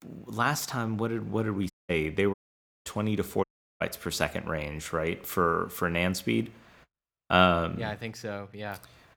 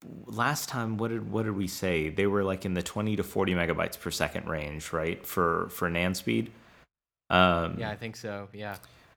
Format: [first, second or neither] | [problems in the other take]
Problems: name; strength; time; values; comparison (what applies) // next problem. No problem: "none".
second | audio cutting out; at 1.5 s, at 2.5 s for 0.5 s and at 3.5 s